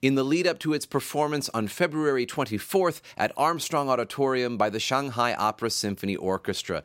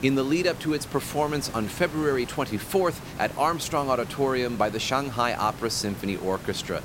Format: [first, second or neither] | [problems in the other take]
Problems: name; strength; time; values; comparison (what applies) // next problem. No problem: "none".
first | hiss; noticeable; throughout; 15 dB below the speech